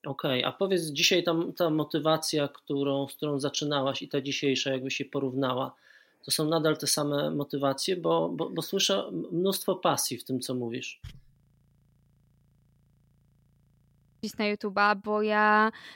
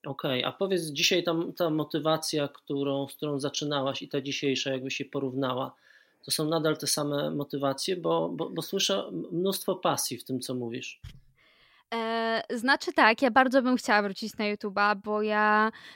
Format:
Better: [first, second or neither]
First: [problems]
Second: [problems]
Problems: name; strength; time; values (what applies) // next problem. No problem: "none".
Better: second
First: audio freezing; at 11 s for 3 s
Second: none